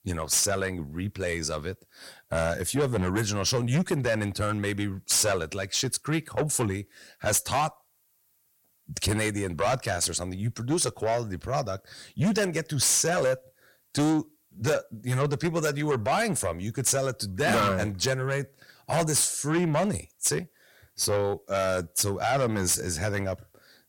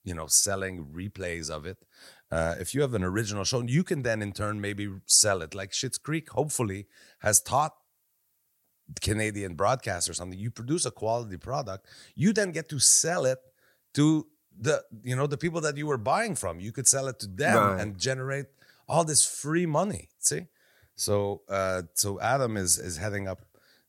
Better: second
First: distortion; heavy; 7 dB below the speech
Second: none

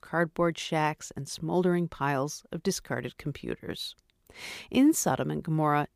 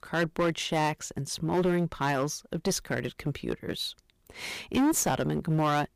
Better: first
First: none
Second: distortion; heavy; 9% of the sound clipped

